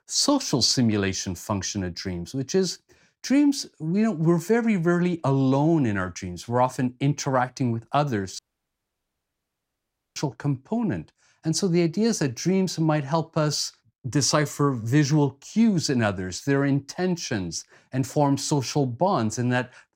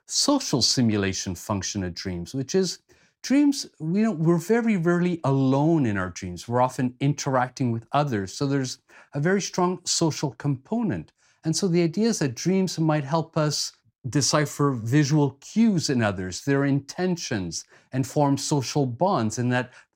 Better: second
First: audio cutting out; at 8.5 s for 2 s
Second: none

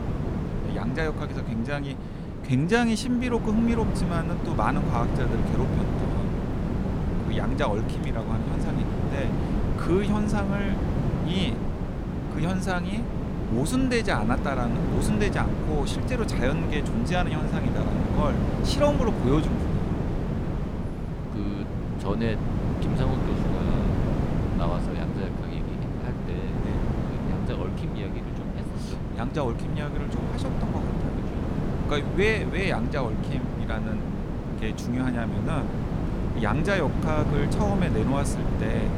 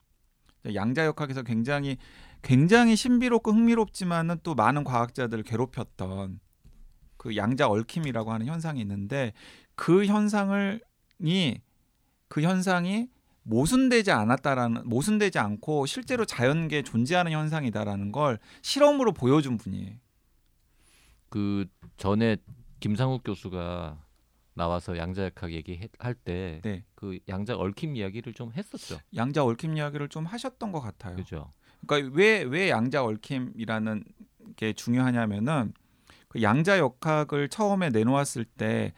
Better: second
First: wind noise on the microphone; heavy; 4 dB below the speech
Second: none

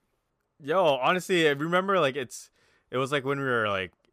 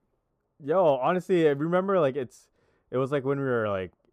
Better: first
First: none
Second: muffled; slightly; fading above 1.5 kHz

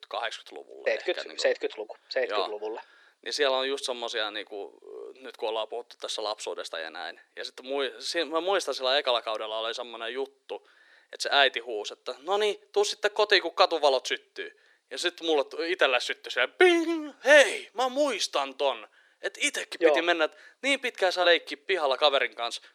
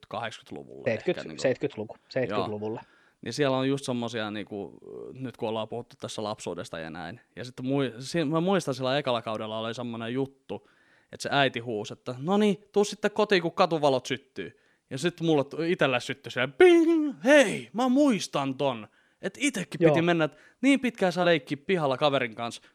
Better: second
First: thin; very; fading below 400 Hz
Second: none

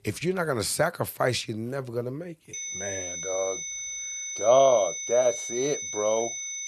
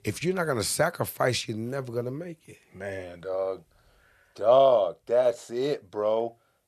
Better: second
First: high-pitched whine; loud; from 2.5 s on; 6 kHz, 5 dB below the speech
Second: none

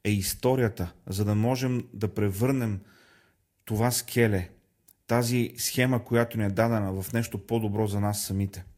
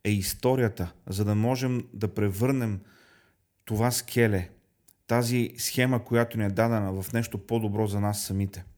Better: second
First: garbled, watery; slightly; nothing above 15 kHz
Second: none

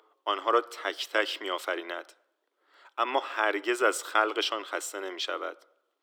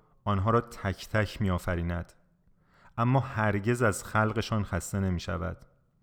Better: second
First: thin; very; fading below 300 Hz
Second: none

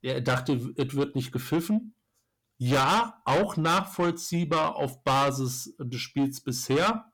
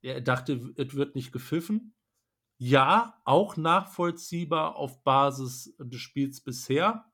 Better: second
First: distortion; heavy; 6 dB below the speech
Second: none

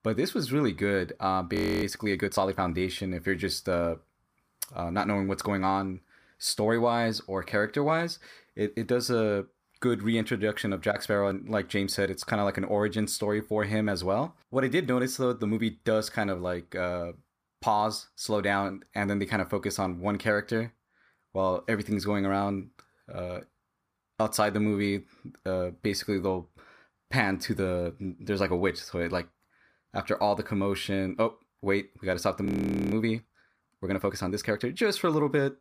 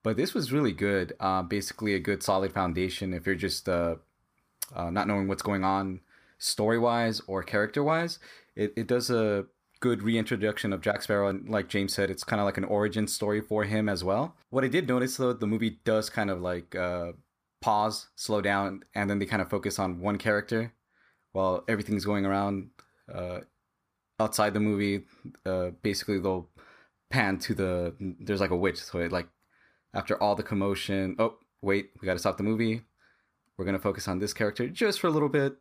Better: second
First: audio freezing; at 1.5 s and at 32 s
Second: none

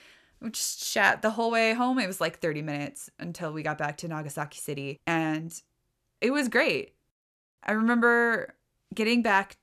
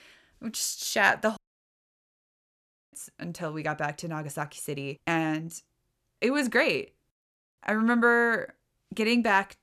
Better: first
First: none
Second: audio cutting out; at 1.5 s for 1.5 s

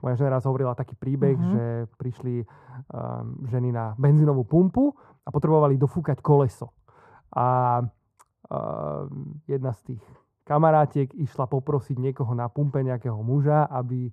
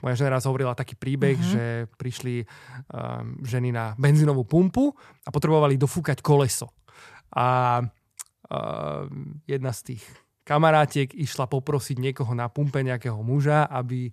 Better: second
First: muffled; very; fading above 1.5 kHz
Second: none

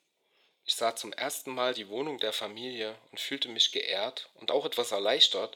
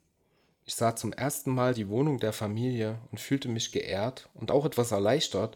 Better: second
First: thin; somewhat; fading below 500 Hz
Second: none

